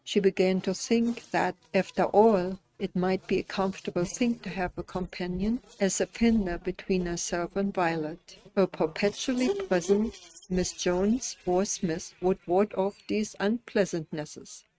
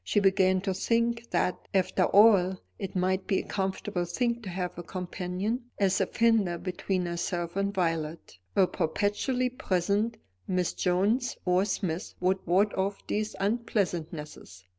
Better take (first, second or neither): second